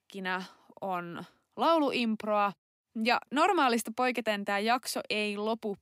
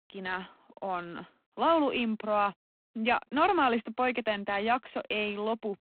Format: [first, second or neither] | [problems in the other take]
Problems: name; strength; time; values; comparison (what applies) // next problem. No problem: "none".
first | phone-call audio; poor line